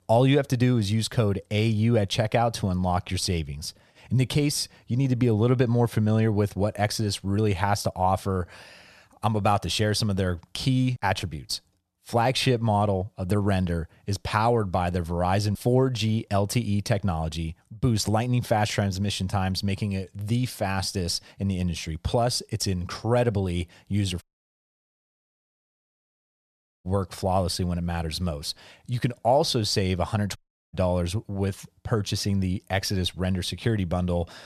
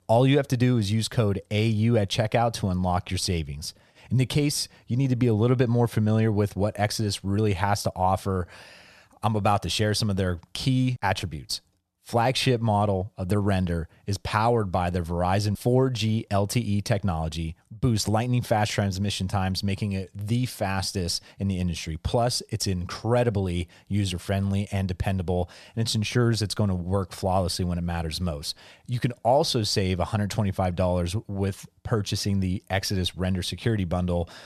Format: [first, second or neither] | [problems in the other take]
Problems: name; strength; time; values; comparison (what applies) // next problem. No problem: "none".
second | audio cutting out; at 24 s for 2.5 s and at 30 s